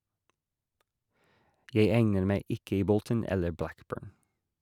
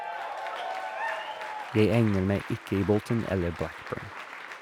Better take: first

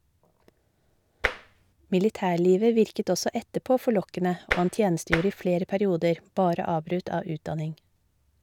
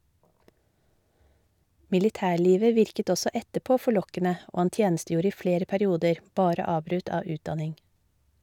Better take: second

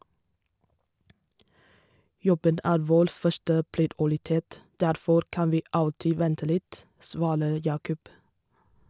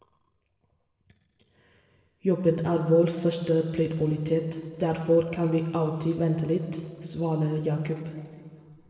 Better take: first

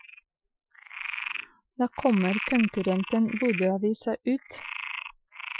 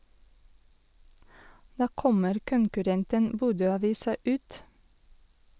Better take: second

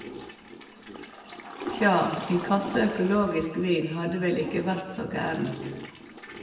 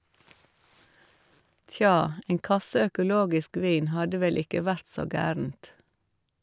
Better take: second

